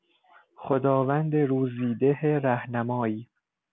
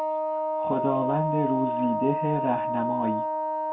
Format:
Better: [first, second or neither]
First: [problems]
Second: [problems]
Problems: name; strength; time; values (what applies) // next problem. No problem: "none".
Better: first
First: none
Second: background sound (Wind instrument, woodwind instrument); 1 dB above the speech // room echo; dies away in 0.2 s